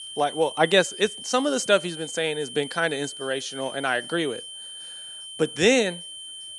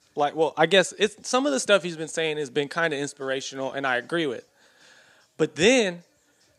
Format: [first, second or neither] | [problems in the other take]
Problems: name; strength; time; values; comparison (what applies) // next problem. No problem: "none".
second | high-pitched whine; noticeable; throughout; 3 kHz, 10 dB below the speech